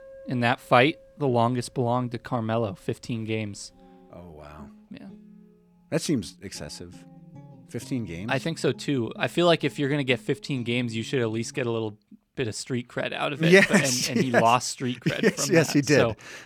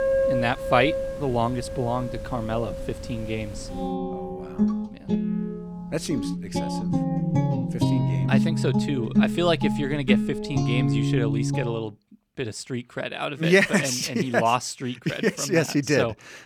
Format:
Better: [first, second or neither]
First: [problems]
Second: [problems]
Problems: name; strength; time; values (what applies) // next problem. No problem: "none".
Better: first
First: background music; faint; until 12 s; 25 dB below the speech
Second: background music; loud; until 12 s; 1 dB below the speech